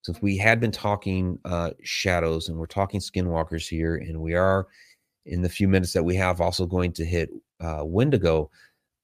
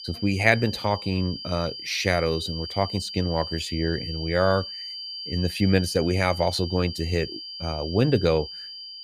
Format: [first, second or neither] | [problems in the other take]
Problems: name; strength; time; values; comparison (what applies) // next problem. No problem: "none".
first | high-pitched whine; loud; throughout; 4.5 kHz, 9 dB below the speech